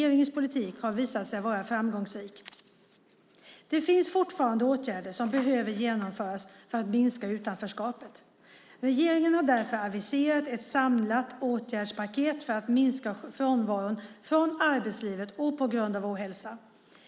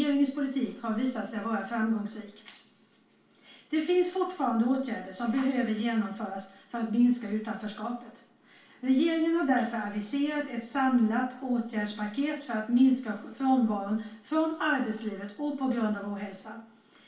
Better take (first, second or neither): first